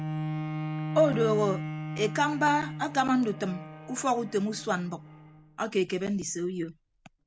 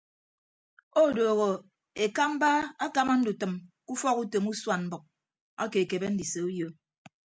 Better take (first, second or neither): second